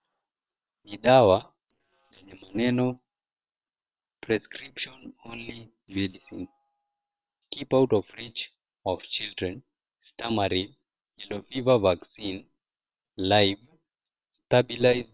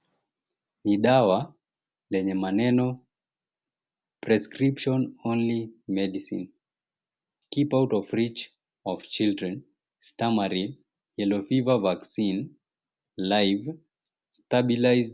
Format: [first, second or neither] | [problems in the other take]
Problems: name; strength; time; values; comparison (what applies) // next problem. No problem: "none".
second | noise reduction (neural separator model SepFormer WHAM!)